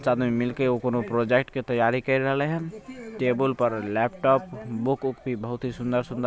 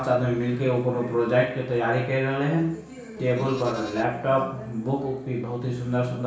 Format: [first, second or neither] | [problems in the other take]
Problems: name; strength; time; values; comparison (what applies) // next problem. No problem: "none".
first | background sound (Livestock, farm animals, working animals); 19 dB below the speech // room echo; dies away in 0.6 s